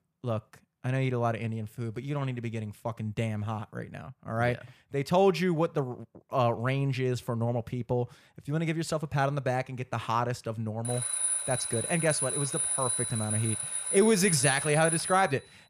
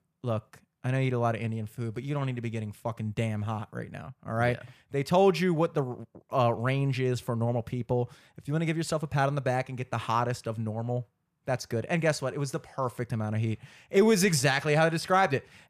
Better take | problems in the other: second | alarm; loud; from 11 s on; peak 3 dB above the speech

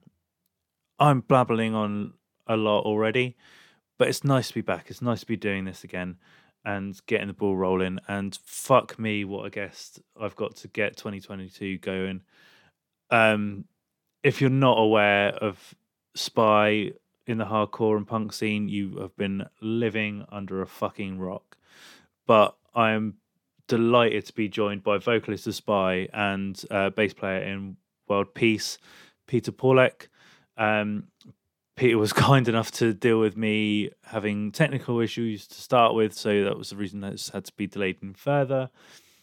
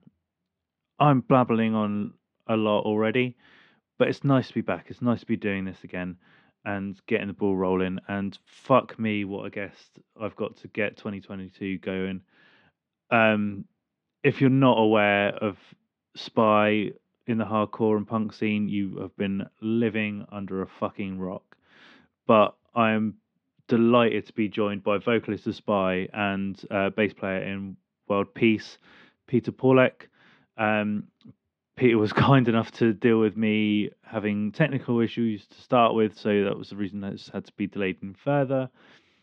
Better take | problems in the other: first | muffled; slightly; fading above 3.5 kHz

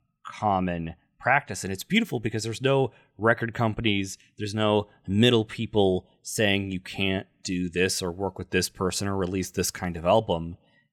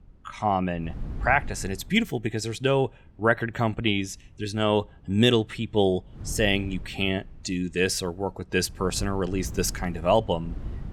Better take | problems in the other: first | wind noise on the microphone; occasional gusts; 25 dB below the speech

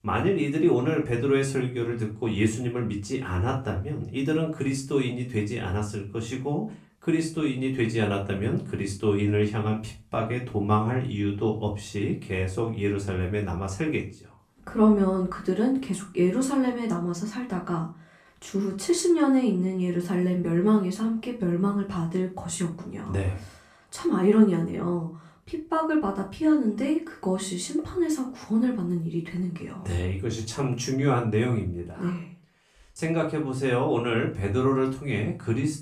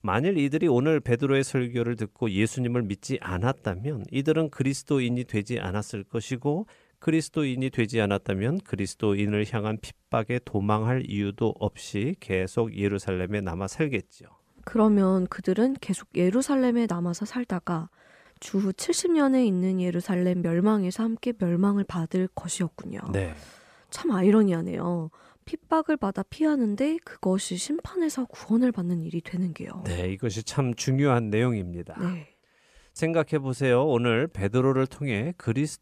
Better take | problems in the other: second | off-mic speech; far // room echo; slight; dies away in 0.3 s

